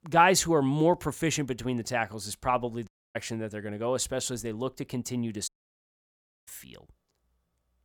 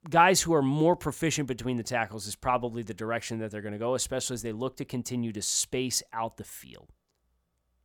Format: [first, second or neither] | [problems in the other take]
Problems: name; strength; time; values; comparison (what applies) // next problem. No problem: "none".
second | audio cutting out; at 3 s and at 5.5 s for 1 s